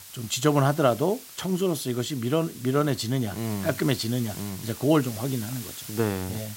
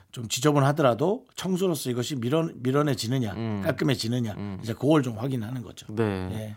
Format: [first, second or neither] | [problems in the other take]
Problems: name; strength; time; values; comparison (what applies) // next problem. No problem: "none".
second | hiss; noticeable; throughout; 15 dB below the speech